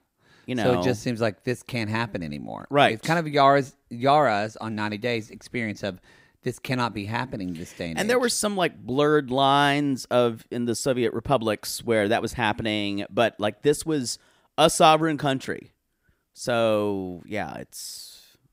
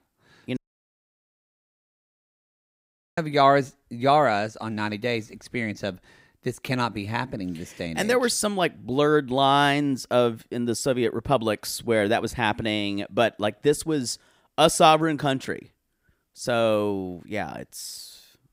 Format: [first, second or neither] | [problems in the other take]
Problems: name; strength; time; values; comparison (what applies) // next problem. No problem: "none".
first | audio cutting out; at 0.5 s for 2.5 s